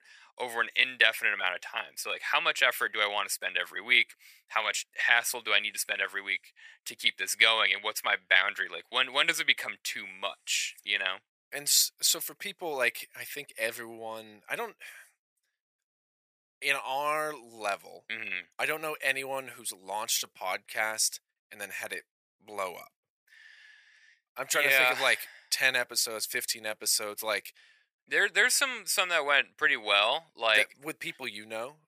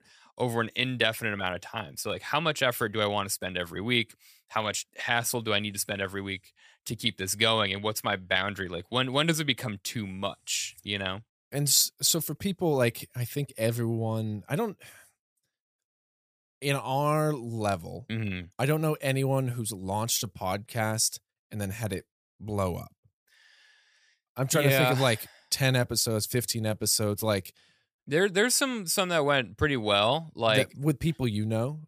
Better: second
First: thin; very; fading below 600 Hz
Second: none

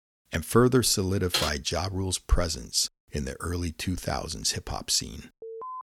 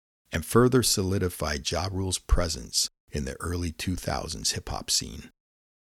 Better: second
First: keyboard typing; noticeable; at 1.5 s; peak 1 dB below the speech // alarm; faint; at 5.5 s; peak 10 dB below the speech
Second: none

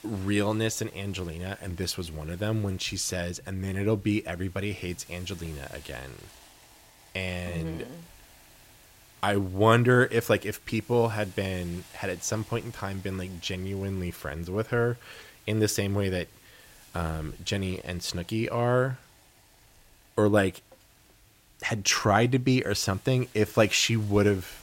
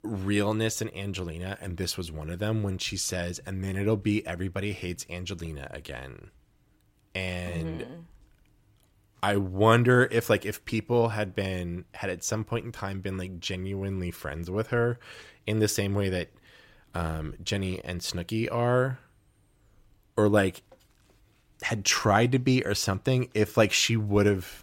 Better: second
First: hiss; faint; throughout; 25 dB below the speech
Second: none

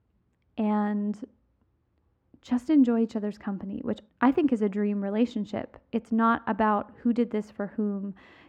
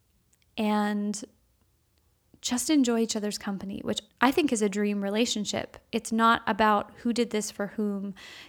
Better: second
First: muffled; very; fading above 3.5 kHz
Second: none

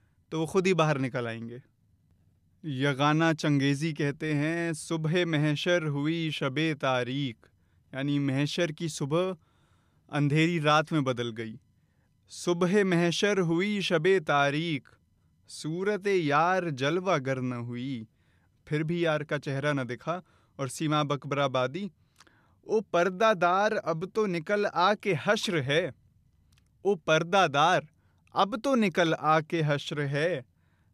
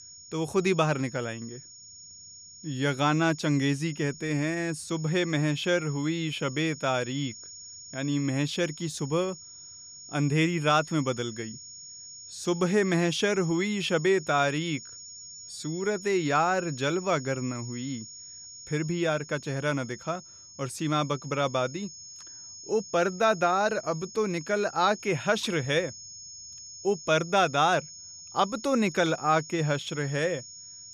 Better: first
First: none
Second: high-pitched whine; noticeable; throughout; 6.5 kHz, 15 dB below the speech

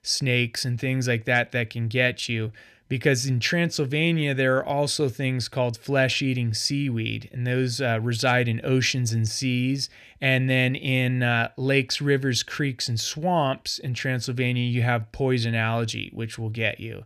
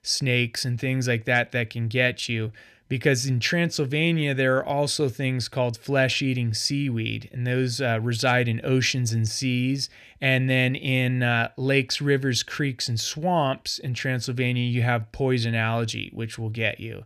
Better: neither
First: none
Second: none

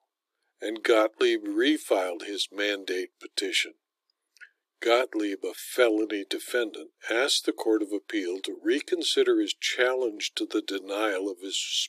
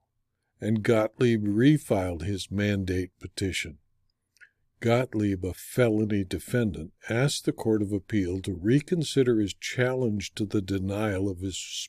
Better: second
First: thin; very; fading below 300 Hz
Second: none

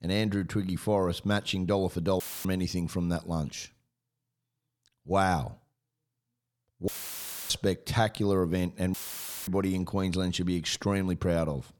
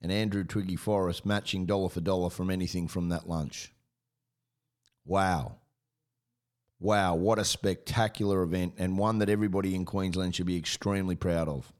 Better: second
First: audio cutting out; filled with static; at 2 s, at 7 s for 0.5 s and at 9 s for 0.5 s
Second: none

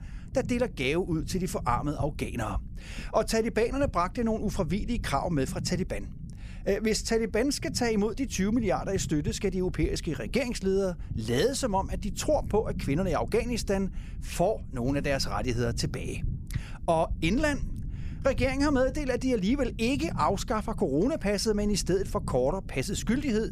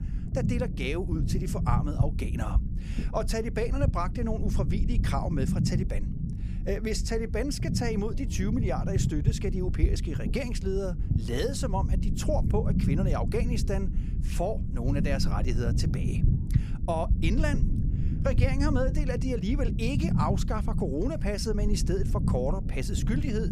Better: first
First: low rumble; faint; throughout; 20 dB below the speech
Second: low rumble; loud; throughout; 8 dB below the speech

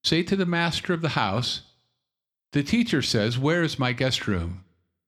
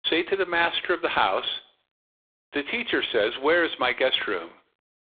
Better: first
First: none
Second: phone-call audio; poor line; nothing above 3.5 kHz

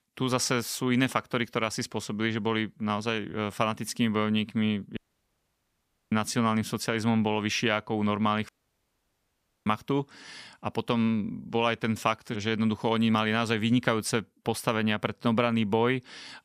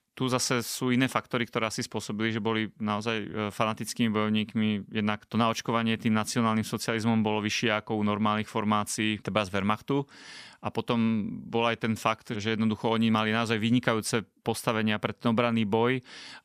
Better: second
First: audio cutting out; at 5 s for 1 s and at 8.5 s for 1 s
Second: none

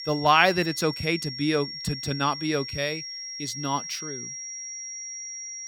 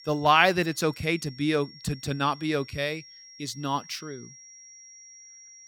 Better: second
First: high-pitched whine; loud; throughout; 5.5 kHz, 8 dB below the speech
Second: high-pitched whine; faint; throughout; 5.5 kHz, 20 dB below the speech

